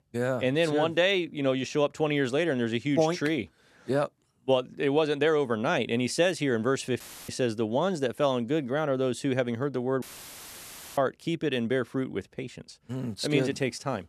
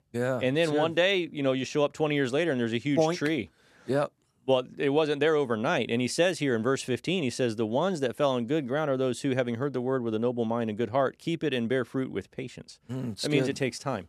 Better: second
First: audio cutting out; filled with static; at 7 s and at 10 s for 1 s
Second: none

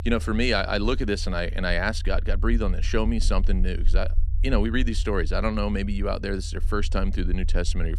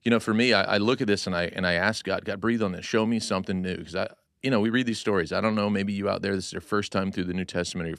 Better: second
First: low rumble; faint; throughout; 20 dB below the speech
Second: none

